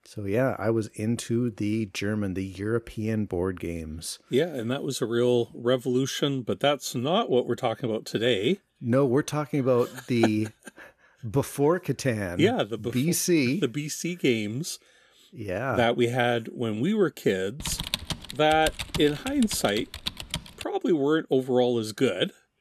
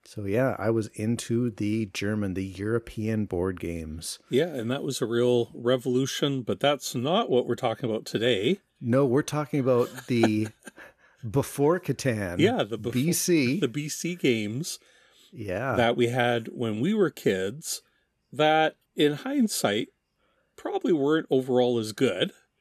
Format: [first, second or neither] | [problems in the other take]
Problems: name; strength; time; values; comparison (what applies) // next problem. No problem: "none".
second | keyboard typing; noticeable; from 18 to 21 s; peak 4 dB below the speech